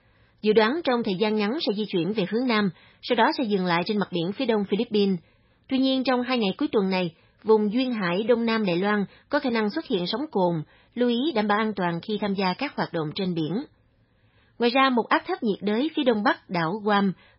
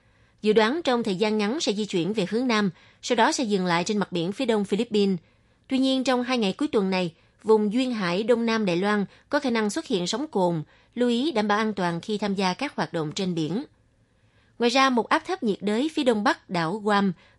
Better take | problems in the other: second | garbled, watery; badly; nothing above 5.5 kHz; slightly in the second

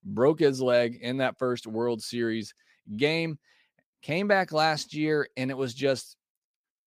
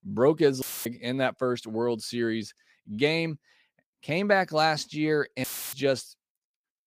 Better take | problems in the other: first | audio cutting out; filled with static; at 0.5 s and at 5.5 s

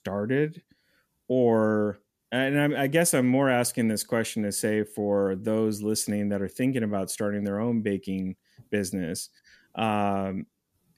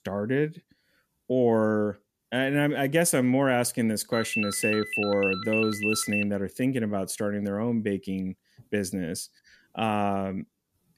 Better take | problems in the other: first | phone ringing; noticeable; from 4 to 6 s; peak 1 dB below the speech

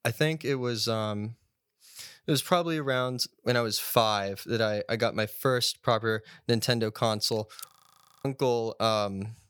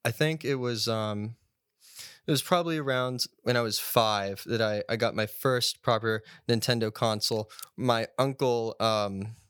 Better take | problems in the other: second | audio freezing; at 7.5 s for 0.5 s

